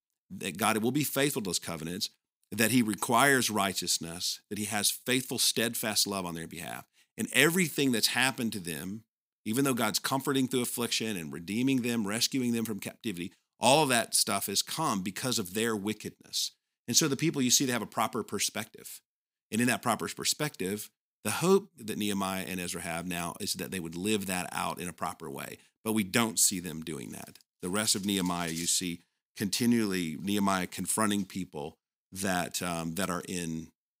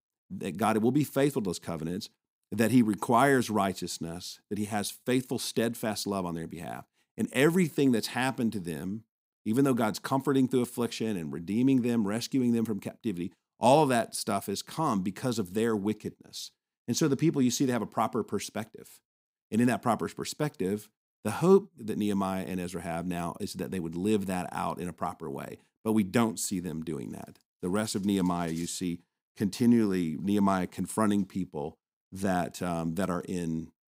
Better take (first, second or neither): first